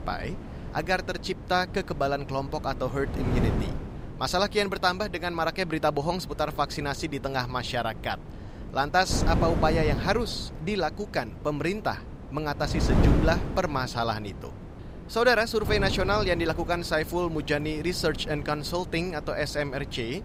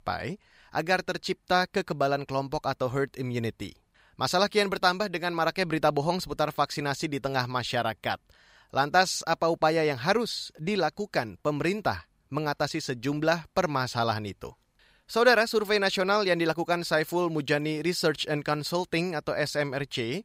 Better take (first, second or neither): second